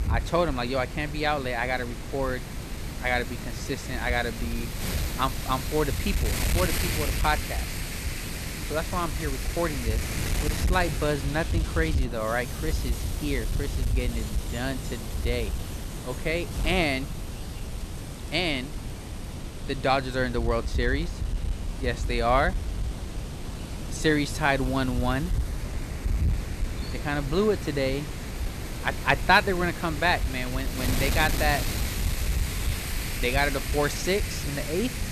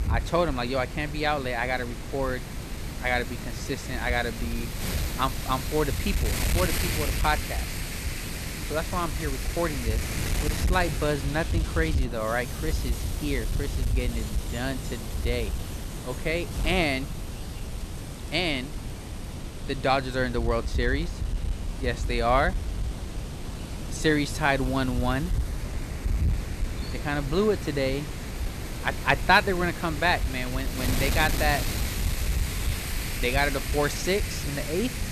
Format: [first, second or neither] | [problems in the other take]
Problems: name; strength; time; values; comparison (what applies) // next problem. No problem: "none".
neither | wind noise on the microphone; heavy; 9 dB below the speech; the same in both